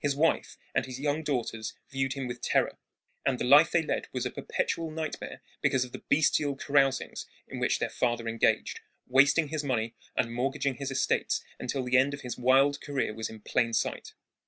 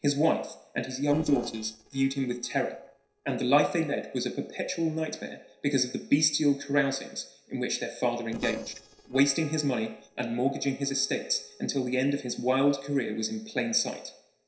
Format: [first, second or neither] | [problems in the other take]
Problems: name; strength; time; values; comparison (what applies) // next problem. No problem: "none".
first | noise reduction (neural separator model SepFormer DNS4)